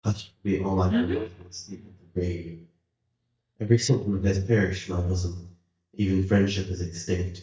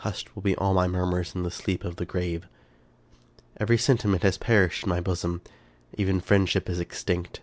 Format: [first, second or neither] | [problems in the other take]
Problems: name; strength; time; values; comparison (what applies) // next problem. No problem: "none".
second | noise reduction (neural mask model DeepFilterNet 3)